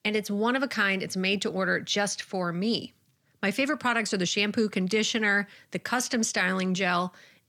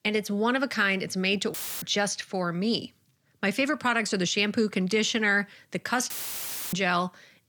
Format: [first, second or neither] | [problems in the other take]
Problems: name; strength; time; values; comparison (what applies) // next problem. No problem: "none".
first | audio cutting out; filled with static; at 1.5 s and at 6 s for 0.5 s